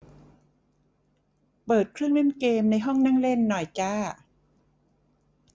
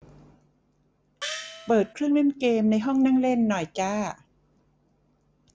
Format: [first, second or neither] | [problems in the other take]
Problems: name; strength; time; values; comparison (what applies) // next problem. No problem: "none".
first | background sound (Gong); 10 dB below the speech